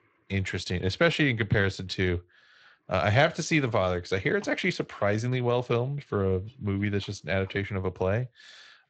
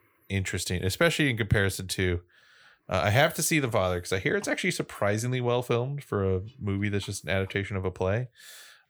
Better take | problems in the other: second | garbled, watery; slightly; nothing above 8 kHz

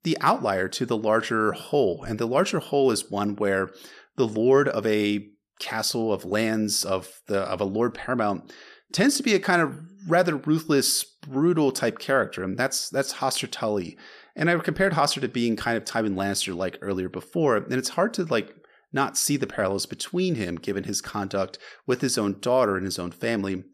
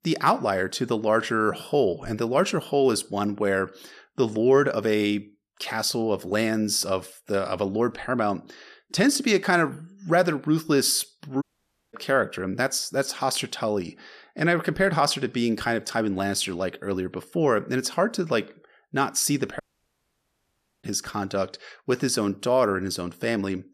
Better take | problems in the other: first | audio cutting out; at 11 s for 0.5 s and at 20 s for 1 s

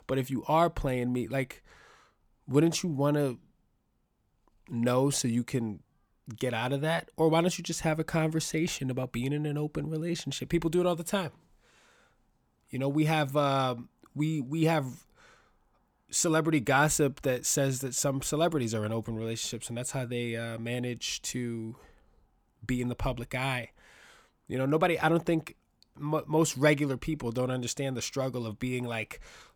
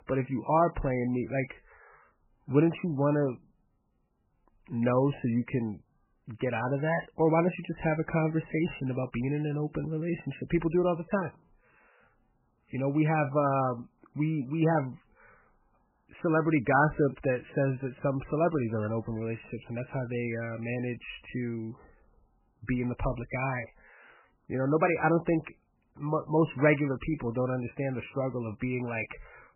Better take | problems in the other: first | garbled, watery; badly; nothing above 3 kHz

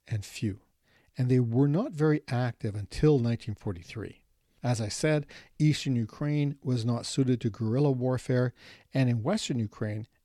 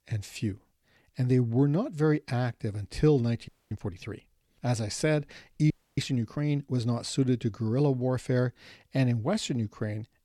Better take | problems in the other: first | audio freezing; at 3.5 s and at 5.5 s

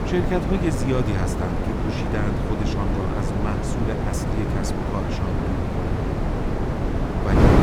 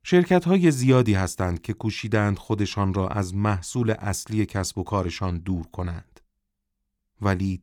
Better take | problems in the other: second | wind noise on the microphone; heavy; 3 dB above the speech

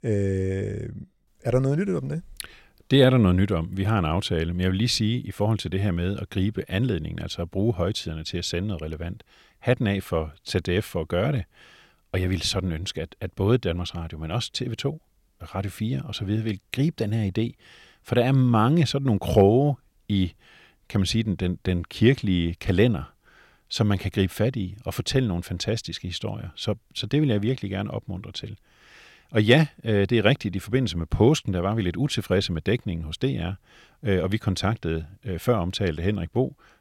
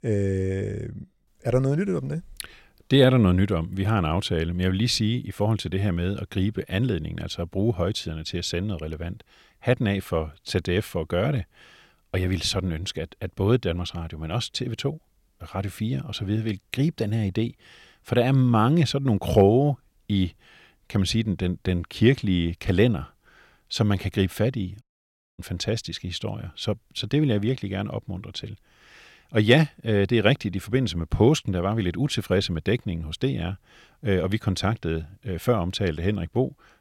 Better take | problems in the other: first | audio cutting out; at 25 s for 0.5 s

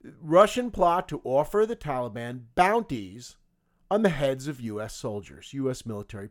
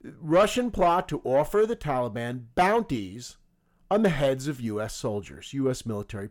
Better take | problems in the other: first | distortion; slight; 10 dB below the speech

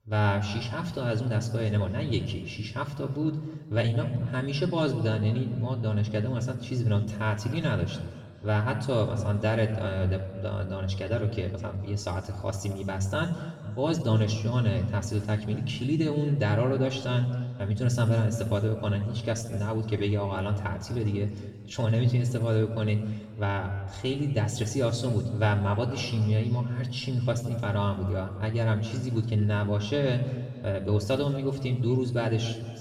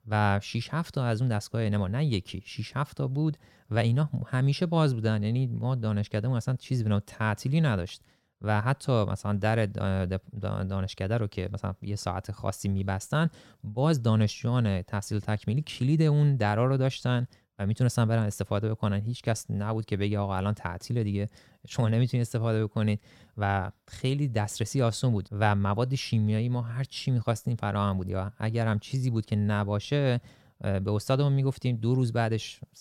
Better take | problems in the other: second | room echo; noticeable; dies away in 1.5 s // off-mic speech; far

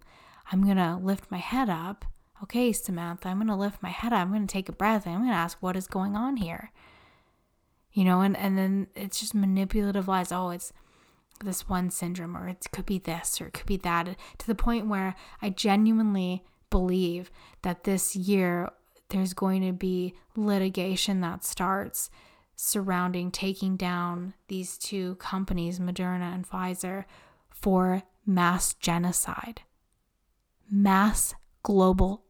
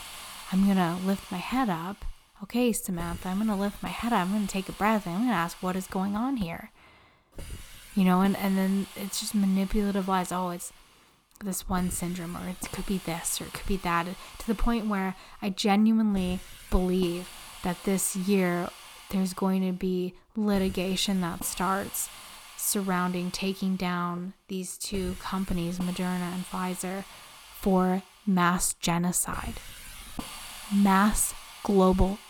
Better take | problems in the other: first | hiss; noticeable; throughout; 15 dB below the speech

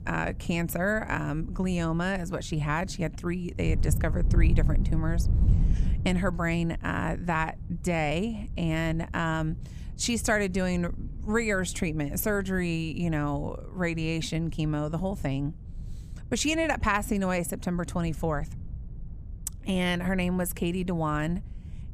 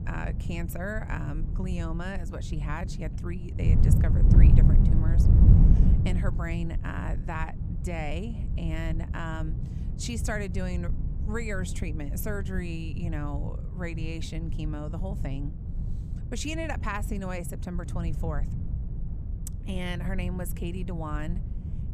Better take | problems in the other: first | wind noise on the microphone; heavy; 5 dB below the speech; occasional gusts in the first

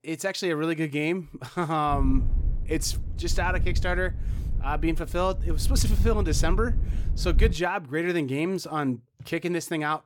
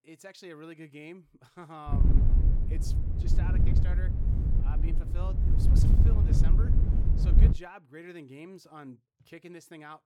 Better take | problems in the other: first | wind noise on the microphone; heavy; from 2 to 7.5 s; 4 dB above the speech; occasional gusts in the first

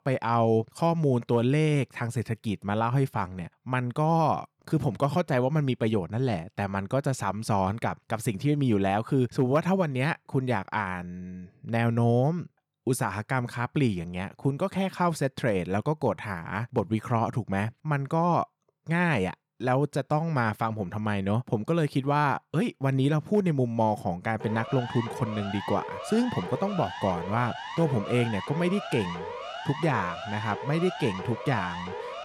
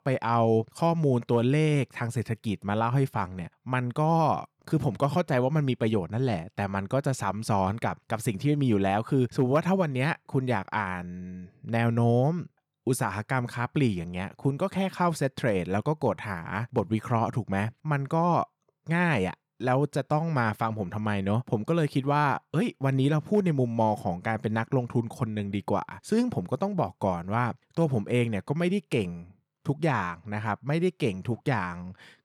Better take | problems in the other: second | siren; noticeable; from 24 s on; peak 9 dB below the speech

